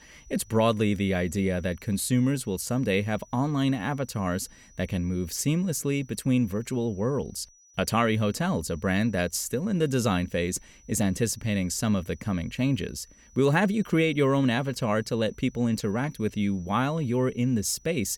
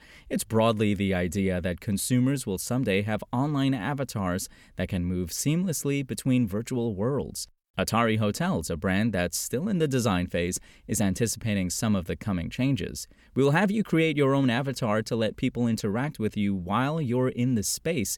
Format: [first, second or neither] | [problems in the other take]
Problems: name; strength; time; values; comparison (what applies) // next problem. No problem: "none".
second | high-pitched whine; faint; throughout; 6 kHz, 30 dB below the speech